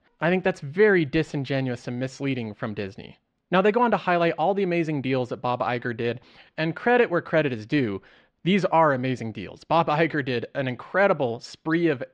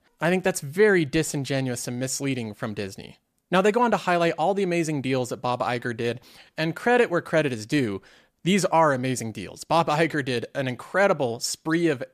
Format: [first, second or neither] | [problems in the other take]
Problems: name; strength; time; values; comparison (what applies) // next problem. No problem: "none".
second | muffled; slightly; fading above 3.5 kHz